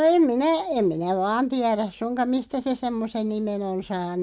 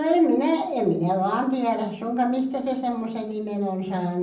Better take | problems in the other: first | room echo; dies away in 0.6 s

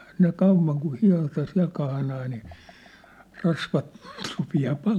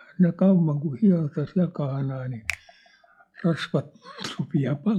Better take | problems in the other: first | noise reduction (classical method log-MMSE)

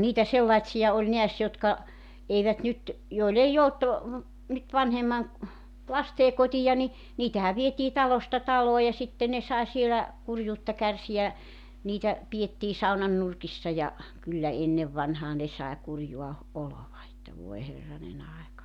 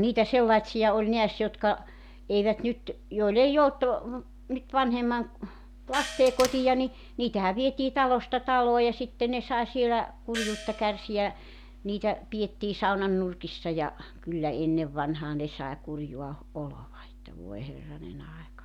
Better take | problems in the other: first | background sound (Door + Gong); 11 dB below the speech

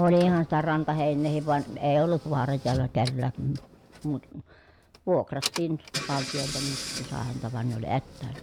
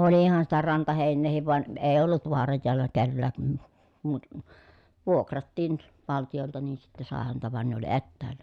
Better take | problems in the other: second | background sound (Engine / Car); 12 dB below the speech

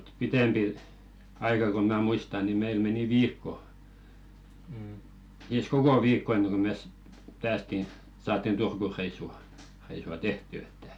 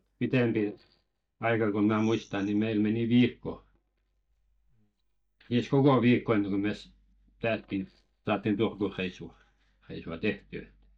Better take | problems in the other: first | noise reduction (neural mask model DeepFilterNet 3)

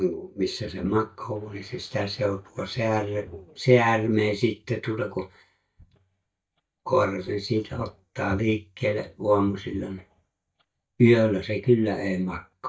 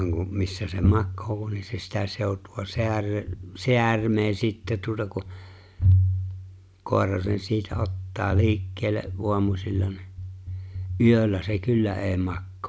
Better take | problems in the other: second | noise reduction (neural mask model DeepFilterNet 3)

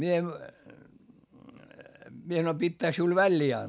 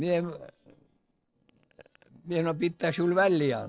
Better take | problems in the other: first | noise reduction (neural separator model SepFormer DNS4)

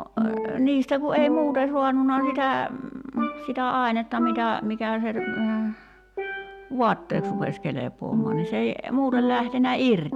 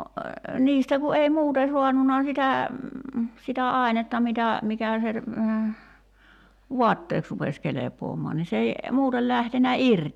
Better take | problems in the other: second | background sound (Percussion); 7 dB below the speech

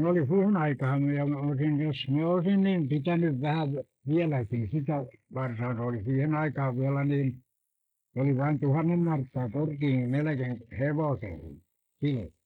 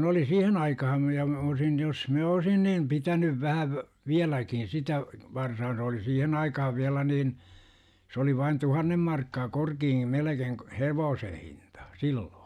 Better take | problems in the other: second | noise reduction (neural mask model Resemble Enhance denoiser)

